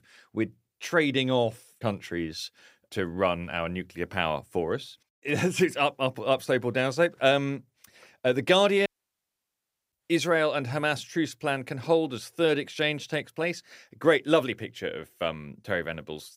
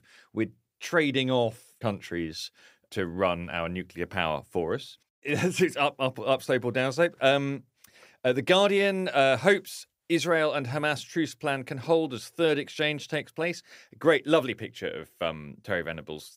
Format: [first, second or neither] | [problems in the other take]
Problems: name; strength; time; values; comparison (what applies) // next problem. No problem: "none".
second | audio cutting out; at 9 s for 1 s